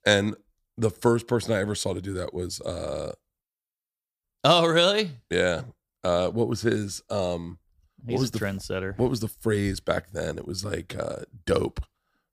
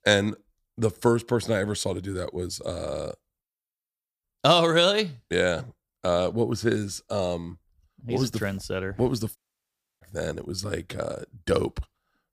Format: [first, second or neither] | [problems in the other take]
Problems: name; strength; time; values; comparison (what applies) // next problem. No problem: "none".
first | audio cutting out; at 9.5 s for 0.5 s